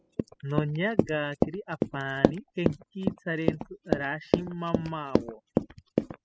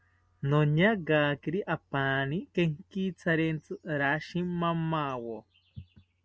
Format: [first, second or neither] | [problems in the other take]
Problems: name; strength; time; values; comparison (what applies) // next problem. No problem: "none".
second | noise reduction (classical method spectral subtraction)